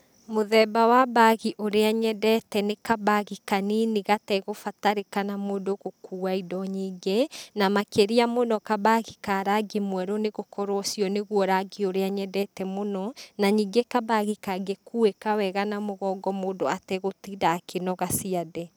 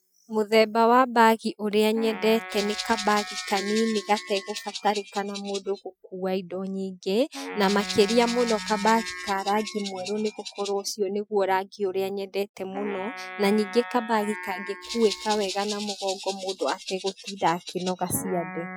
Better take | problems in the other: first | noise reduction (classical method Wiener filter)

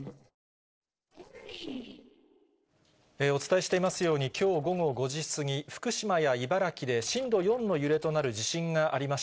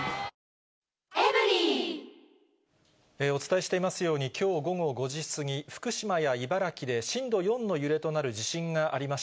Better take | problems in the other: second | noise reduction (neural separator model SepFormer DNS4)

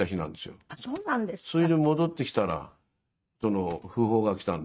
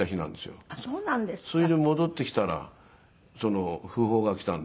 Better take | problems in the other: second | noise reduction (neural mask model RNNoise)

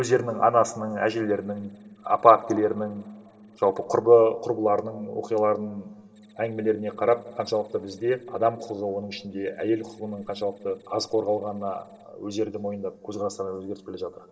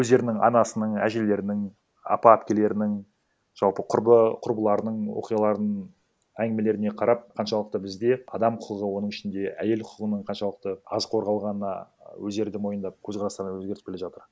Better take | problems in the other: second | noise reduction (neural separator model SepFormer DNS4)

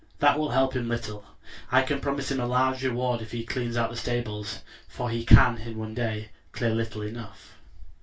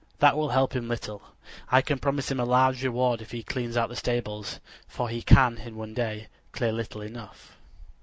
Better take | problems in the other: second | room echo; dies away in 0.2 s

